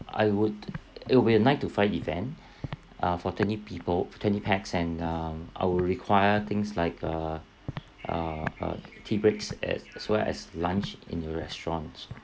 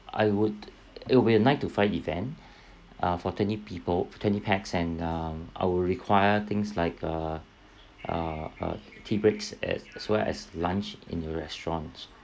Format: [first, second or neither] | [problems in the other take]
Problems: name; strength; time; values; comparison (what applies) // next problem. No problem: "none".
second | background sound (Walk, footsteps); 16 dB below the speech